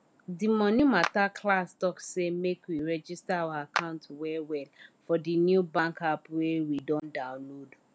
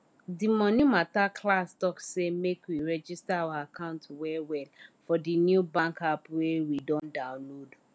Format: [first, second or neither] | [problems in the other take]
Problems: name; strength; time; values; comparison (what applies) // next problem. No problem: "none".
second | background sound (Clapping); 9 dB below the speech